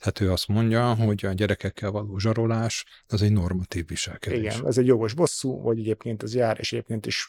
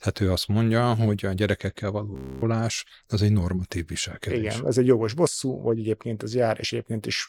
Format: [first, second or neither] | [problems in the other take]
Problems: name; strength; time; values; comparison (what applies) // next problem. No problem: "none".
first | audio freezing; at 2 s